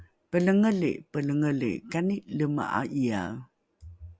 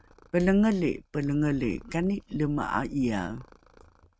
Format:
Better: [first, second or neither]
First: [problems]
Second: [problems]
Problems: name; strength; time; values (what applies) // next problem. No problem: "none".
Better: first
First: none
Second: noise reduction (neural mask model RNNoise)